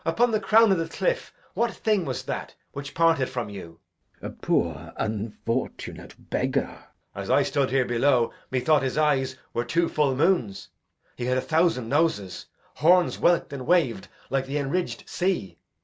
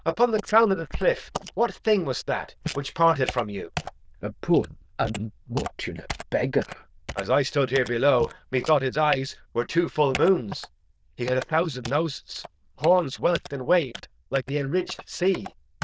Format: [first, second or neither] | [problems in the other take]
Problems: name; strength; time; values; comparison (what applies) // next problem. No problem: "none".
first | noise reduction (neural diffusion model UNIVERSE++)